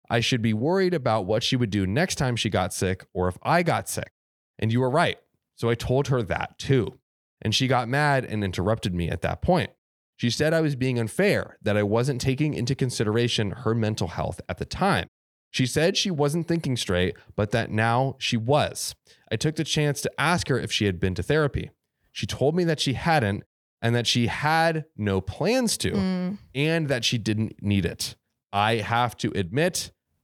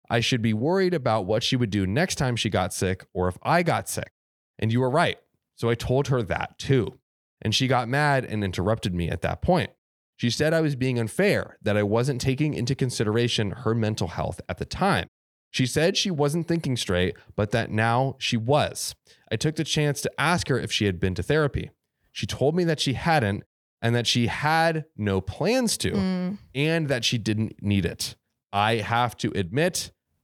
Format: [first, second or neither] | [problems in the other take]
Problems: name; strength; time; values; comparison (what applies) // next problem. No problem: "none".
neither | none